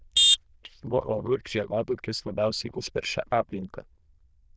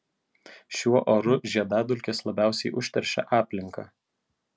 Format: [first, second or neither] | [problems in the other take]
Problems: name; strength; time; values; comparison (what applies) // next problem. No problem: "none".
second | noise reduction (neural diffusion model UNIVERSE++)